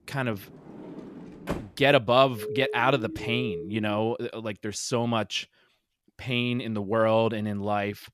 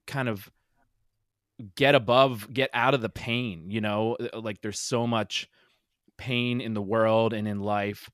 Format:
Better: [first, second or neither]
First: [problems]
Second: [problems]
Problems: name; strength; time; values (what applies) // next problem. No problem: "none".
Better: second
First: door banging; noticeable; at 0.5 s; peak 9 dB below the speech // siren; noticeable; from 2.5 to 4 s; peak 7 dB below the speech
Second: none